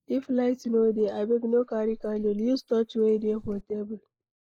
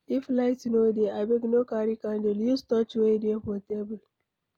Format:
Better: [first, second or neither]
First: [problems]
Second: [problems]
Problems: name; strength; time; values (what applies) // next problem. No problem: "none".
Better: second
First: noise reduction (neural mask model Resemble Enhance denoiser)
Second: none